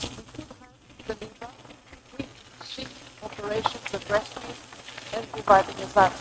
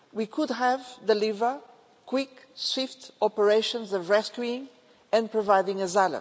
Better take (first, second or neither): second